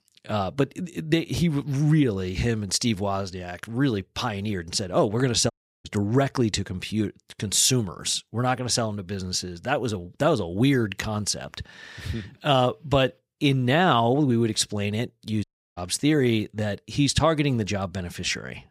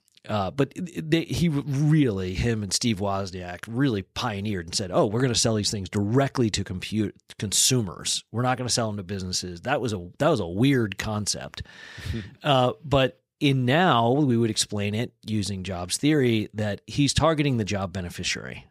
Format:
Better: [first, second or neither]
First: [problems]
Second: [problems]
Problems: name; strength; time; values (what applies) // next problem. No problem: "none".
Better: second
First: audio cutting out; at 5.5 s and at 15 s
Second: none